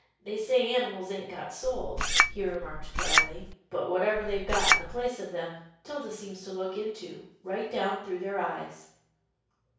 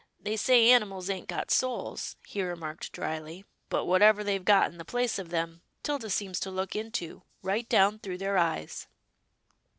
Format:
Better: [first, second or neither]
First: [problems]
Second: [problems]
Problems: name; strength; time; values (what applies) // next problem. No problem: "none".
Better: second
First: background sound (Chink, clink); 5 dB above the speech // room echo; dies away in 0.6 s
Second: none